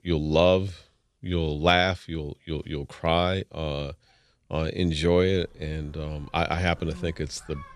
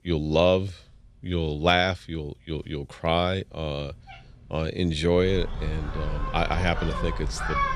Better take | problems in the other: first | animal sounds; loud; throughout; 7 dB below the speech; faint in the first

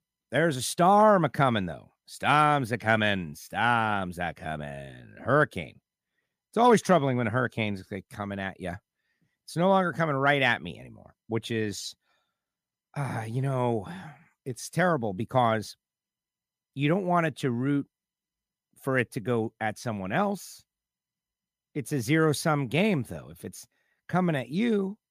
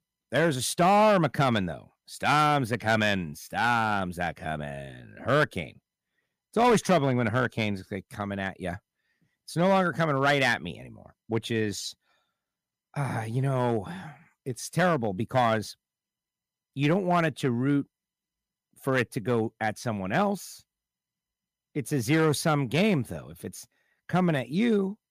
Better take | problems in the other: first | distortion; slight; 3% of the sound clipped

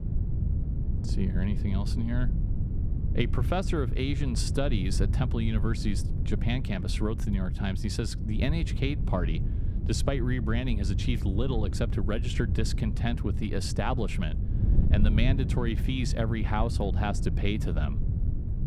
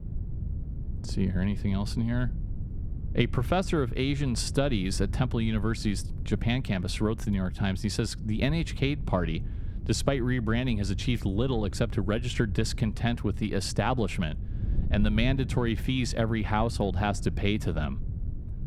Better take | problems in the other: second | wind noise on the microphone; heavy; 9 dB below the speech; occasional gusts in the second

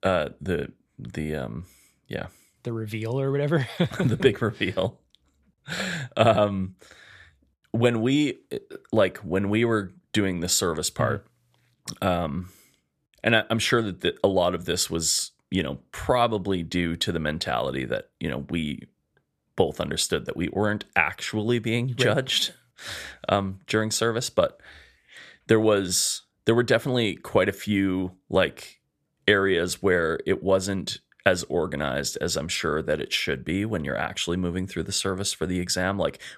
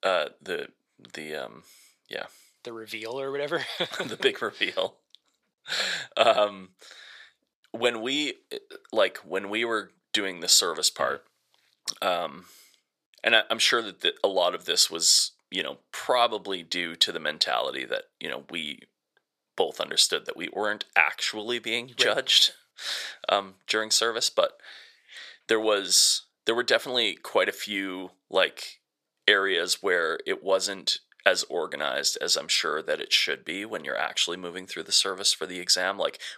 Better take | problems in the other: first | thin; somewhat; fading below 500 Hz

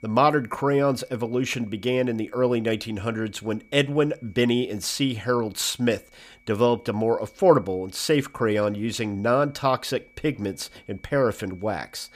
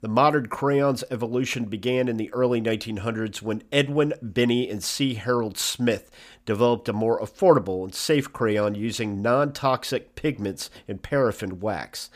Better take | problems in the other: second | high-pitched whine; faint; throughout; 2.5 kHz, 30 dB below the speech

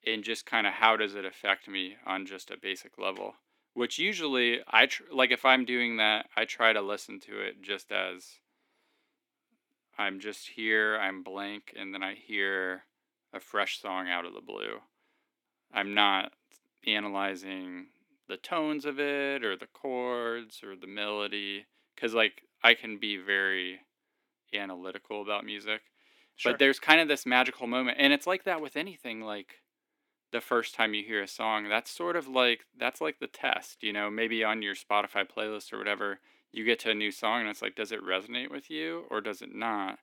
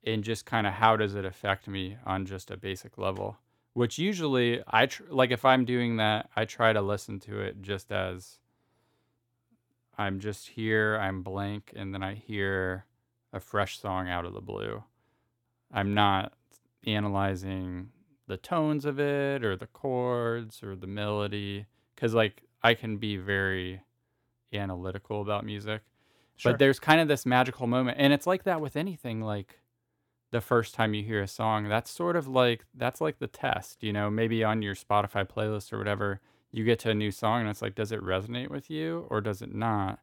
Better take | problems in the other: second | thin; very slightly; fading below 250 Hz

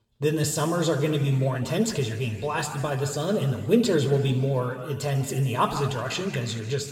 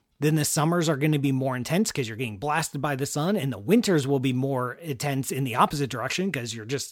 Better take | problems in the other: second | room echo; noticeable; dies away in 1.7 s // off-mic speech; somewhat distant

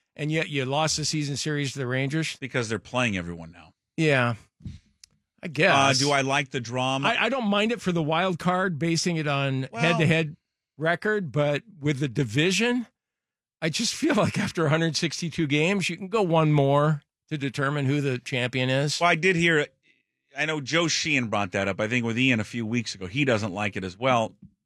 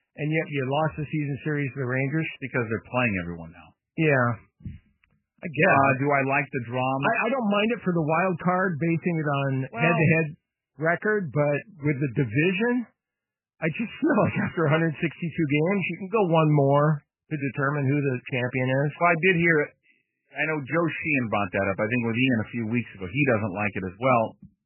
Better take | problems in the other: first | garbled, watery; badly; nothing above 3 kHz

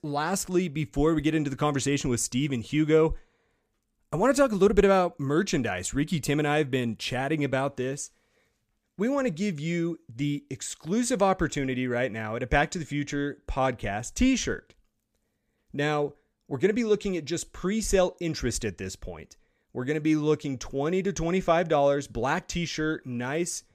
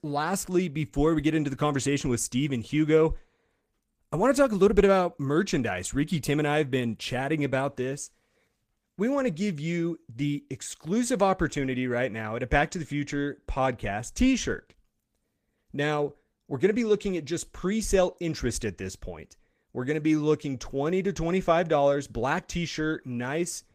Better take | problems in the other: first | garbled, watery; slightly; nothing above 15 kHz

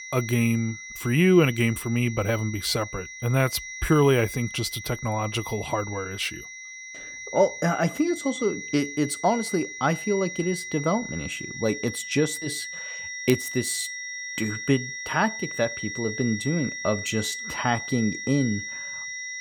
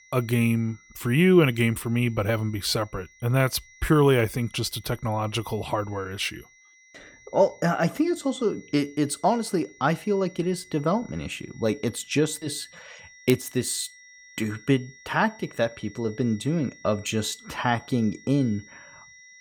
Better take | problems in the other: second | high-pitched whine; loud; throughout; 2 kHz, 8 dB below the speech; faint in the second

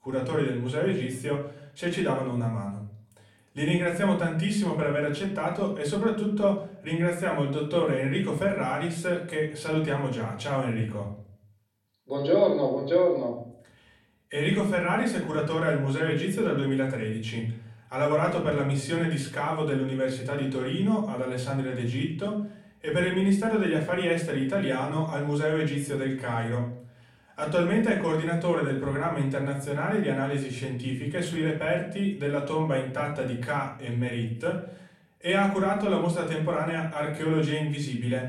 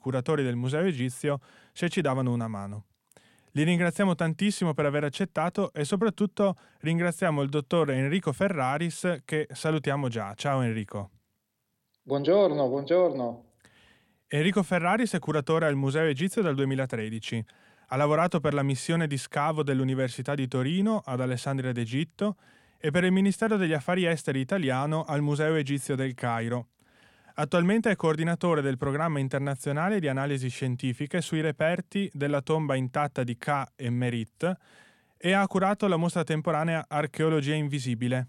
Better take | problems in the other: second | off-mic speech; far // room echo; slight; dies away in 0.5 s

